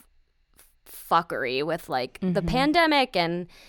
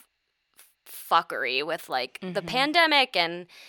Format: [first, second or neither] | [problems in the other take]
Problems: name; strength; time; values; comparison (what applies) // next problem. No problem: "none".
first | thin; somewhat; fading below 700 Hz